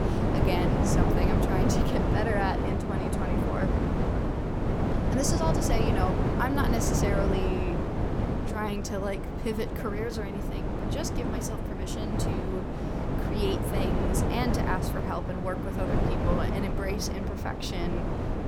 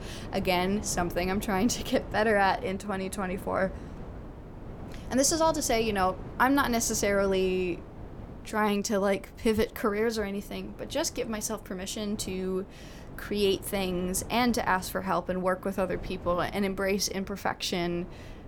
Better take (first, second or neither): second